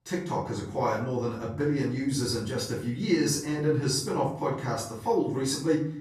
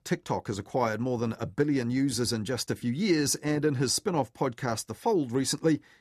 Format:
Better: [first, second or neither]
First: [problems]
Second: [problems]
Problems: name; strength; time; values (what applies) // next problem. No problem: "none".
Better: second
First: off-mic speech; far // room echo; noticeable; dies away in 0.5 s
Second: none